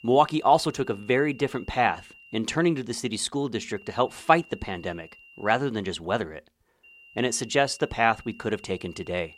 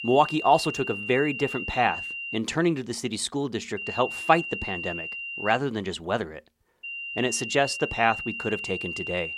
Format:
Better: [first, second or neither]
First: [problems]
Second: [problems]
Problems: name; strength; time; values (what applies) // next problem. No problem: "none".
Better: first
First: high-pitched whine; faint; until 2.5 s, from 4 to 5.5 s and from 7 s on; 3 kHz, 25 dB below the speech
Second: high-pitched whine; loud; until 2.5 s, from 4 to 5.5 s and from 7 s on; 3 kHz, 6 dB below the speech